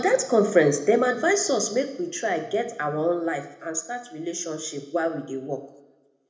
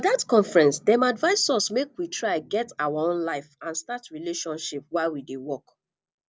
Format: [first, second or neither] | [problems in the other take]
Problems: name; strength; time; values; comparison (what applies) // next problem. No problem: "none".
second | room echo; dies away in 0.7 s